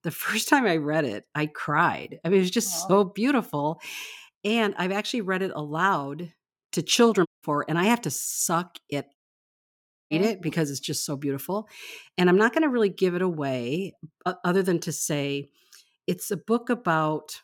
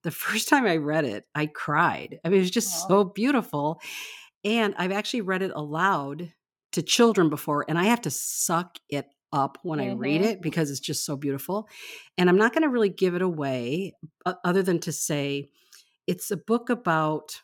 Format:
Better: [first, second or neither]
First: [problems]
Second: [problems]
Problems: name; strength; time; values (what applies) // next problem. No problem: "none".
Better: second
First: audio cutting out; at 7.5 s and at 9 s for 1 s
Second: none